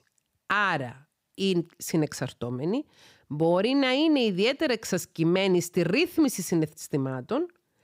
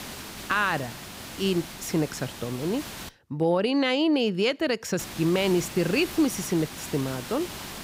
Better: first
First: none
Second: hiss; noticeable; until 3 s and from 5 s on; 10 dB below the speech

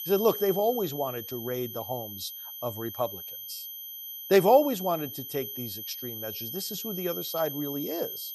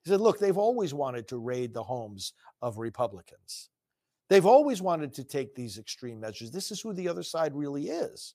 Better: second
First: high-pitched whine; loud; throughout; 12 kHz, 7 dB below the speech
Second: none

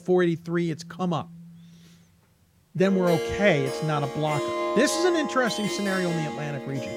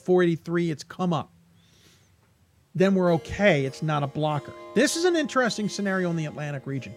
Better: second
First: background music; loud; throughout; 5 dB below the speech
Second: background music; faint; throughout; 20 dB below the speech

